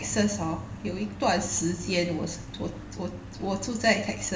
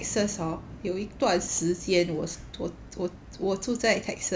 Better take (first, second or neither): second